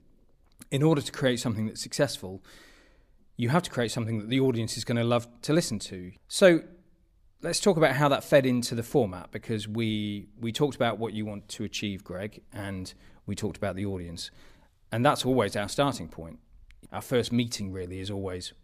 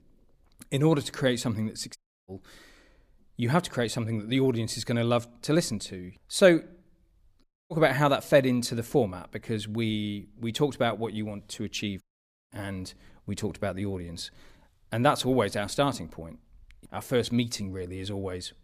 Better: first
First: none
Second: audio cutting out; at 2 s, at 7.5 s and at 12 s

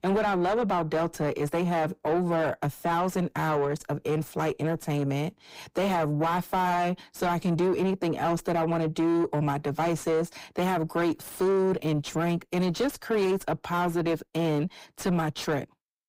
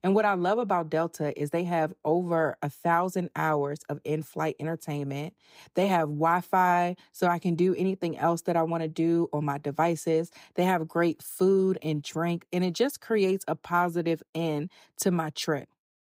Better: second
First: distortion; heavy; 7 dB below the speech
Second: none

